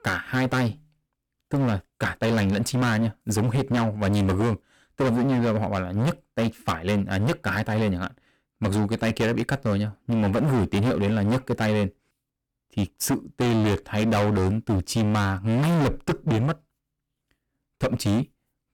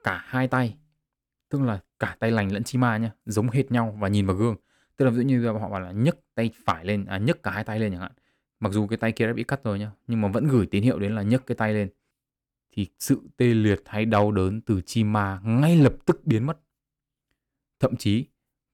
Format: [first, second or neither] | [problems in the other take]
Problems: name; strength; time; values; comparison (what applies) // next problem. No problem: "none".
second | distortion; heavy; 21% of the sound clipped